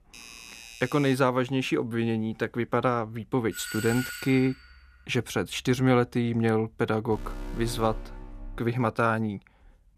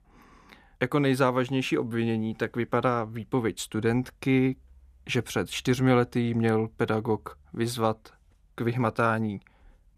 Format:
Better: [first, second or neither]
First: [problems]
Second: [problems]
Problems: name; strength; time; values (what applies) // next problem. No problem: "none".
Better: second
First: doorbell; faint; until 1 s; peak 15 dB below the speech // doorbell; noticeable; from 3.5 to 4.5 s; peak 7 dB below the speech // alarm; faint; from 7 to 8.5 s; peak 10 dB below the speech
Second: none